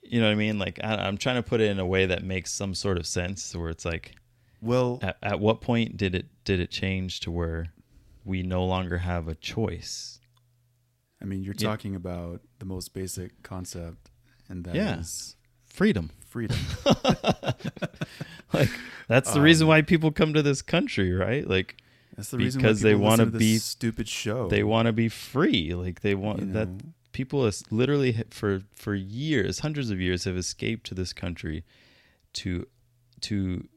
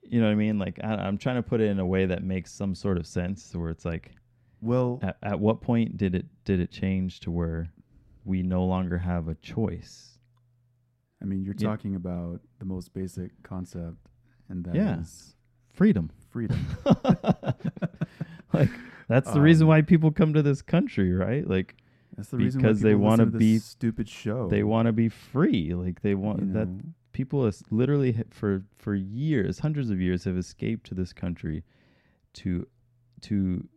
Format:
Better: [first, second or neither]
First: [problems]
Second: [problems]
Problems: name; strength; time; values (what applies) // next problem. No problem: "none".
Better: first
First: none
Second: muffled; slightly; fading above 2 kHz